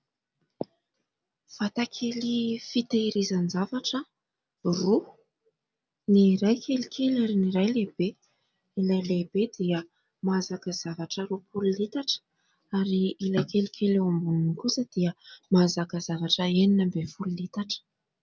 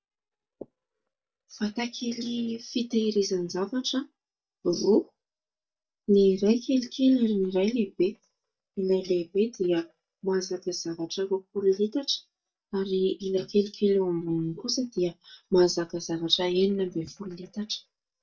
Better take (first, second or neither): first